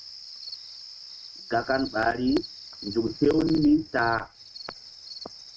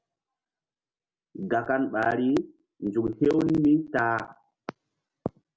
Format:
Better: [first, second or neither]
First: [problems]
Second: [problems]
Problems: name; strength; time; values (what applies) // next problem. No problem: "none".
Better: second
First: noise reduction (neural mask model RNNoise)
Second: none